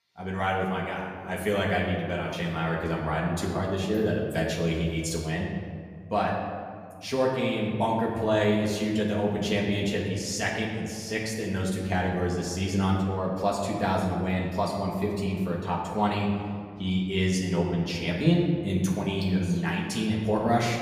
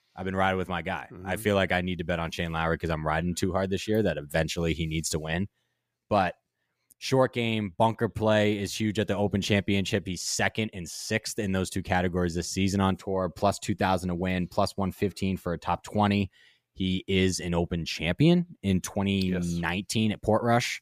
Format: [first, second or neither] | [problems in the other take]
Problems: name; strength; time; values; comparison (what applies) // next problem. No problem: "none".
second | room echo; noticeable; dies away in 1.8 s // off-mic speech; far